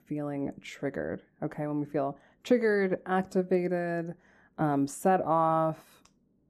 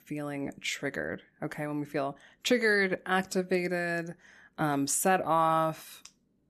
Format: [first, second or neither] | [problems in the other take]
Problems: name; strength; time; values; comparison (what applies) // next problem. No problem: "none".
second | muffled; slightly; fading above 1.5 kHz